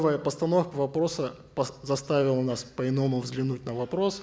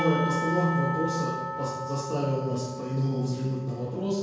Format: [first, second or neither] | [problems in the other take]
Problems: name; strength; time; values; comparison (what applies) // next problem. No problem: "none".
first | background sound (Church bell / Percussion); 6 dB below the speech // room echo; dies away in 1 s